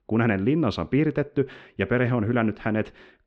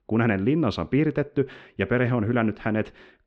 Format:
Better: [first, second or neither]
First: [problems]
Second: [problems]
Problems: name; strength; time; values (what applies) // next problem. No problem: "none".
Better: neither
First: muffled; very slightly; fading above 4 kHz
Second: muffled; very slightly; fading above 4 kHz